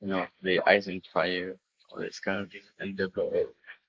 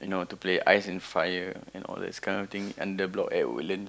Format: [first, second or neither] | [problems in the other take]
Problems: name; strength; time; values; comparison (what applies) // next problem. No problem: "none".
second | noise reduction (neural mask model Resemble Enhance denoiser)